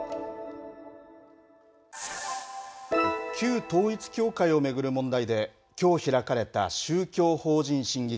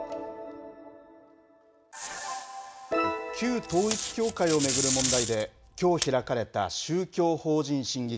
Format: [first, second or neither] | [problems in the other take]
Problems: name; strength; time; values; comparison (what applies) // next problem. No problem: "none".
first | background sound (Packing tape, duct tape); 3 dB below the speech